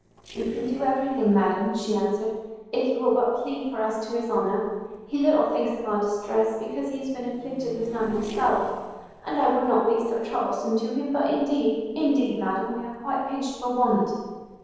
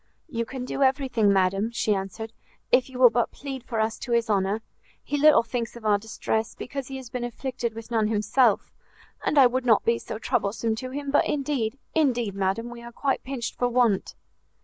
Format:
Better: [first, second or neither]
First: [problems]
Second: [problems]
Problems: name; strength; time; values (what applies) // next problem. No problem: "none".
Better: second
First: noise reduction (neural separator model SepFormer DNS4)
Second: none